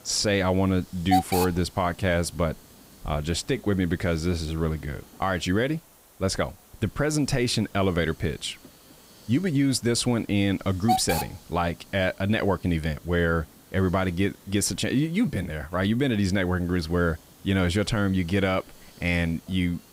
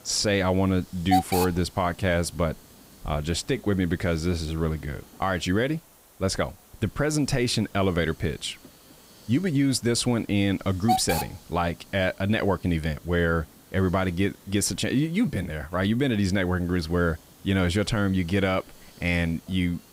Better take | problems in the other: neither | hiss; loud; throughout; 4 dB below the speech; the same in both

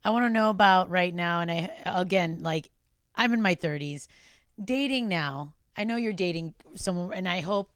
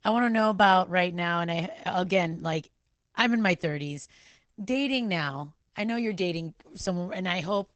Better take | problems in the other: first | garbled, watery; badly; nothing above 8 kHz; slightly in the first

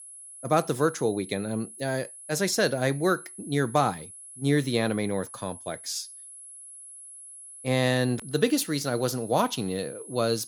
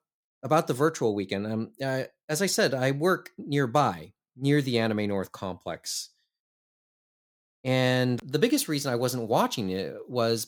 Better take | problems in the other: second | high-pitched whine; noticeable; throughout; 10.5 kHz, 15 dB below the speech

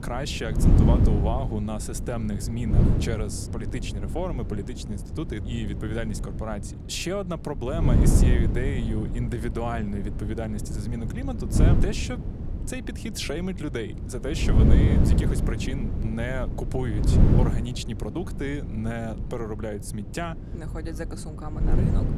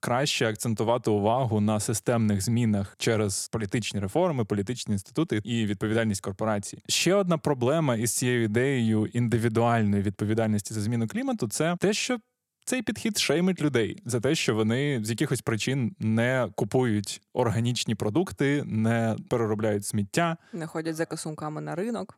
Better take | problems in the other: second | wind noise on the microphone; heavy; 2 dB below the speech

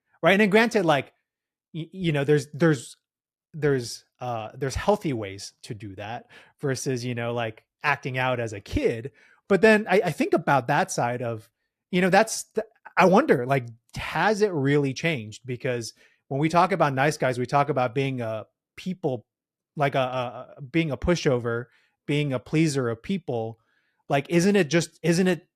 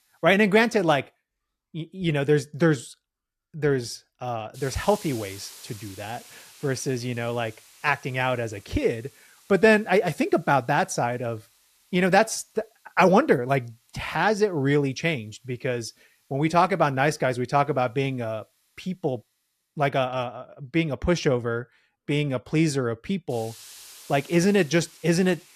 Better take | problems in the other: first | hiss; faint; throughout; 20 dB below the speech

